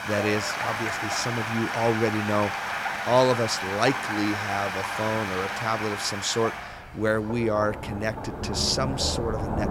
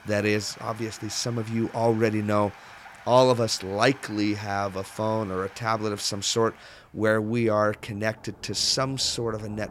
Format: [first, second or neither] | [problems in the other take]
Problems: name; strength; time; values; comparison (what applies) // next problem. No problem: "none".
second | rain or running water; loud; throughout; 3 dB below the speech; faint in the second